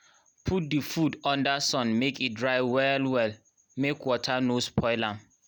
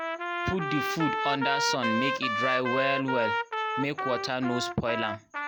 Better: first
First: none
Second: background sound (Trumpet); as loud as the speech

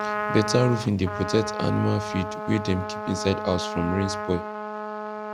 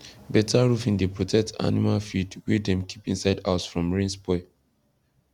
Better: second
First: background sound (Trumpet); 5 dB below the speech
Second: none

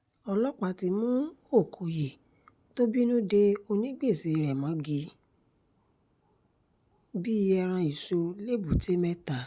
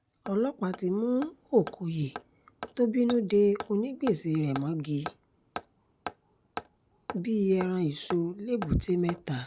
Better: first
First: none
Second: background sound (Hammer); 15 dB below the speech

